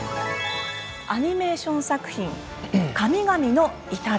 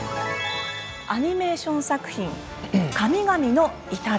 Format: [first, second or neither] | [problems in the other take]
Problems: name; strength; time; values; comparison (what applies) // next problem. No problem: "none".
first | background sound (Guitar); 18 dB below the speech